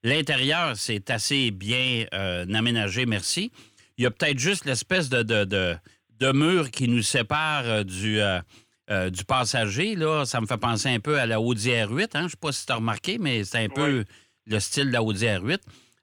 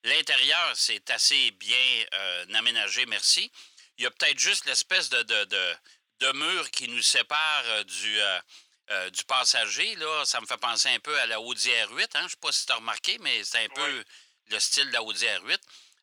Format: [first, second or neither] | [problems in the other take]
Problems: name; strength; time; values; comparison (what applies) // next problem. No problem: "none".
first | thin; very; fading below 800 Hz